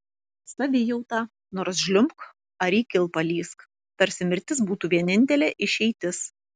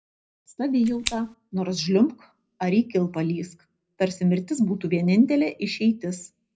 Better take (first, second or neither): first